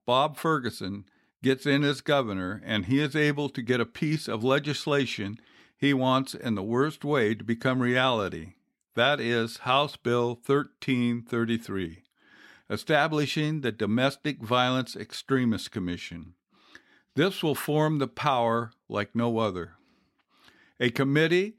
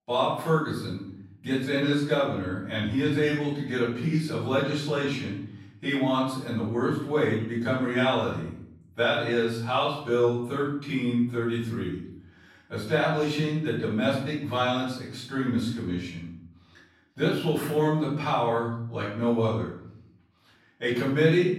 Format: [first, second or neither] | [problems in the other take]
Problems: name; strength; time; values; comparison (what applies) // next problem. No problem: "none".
first | off-mic speech; far // room echo; noticeable; dies away in 0.7 s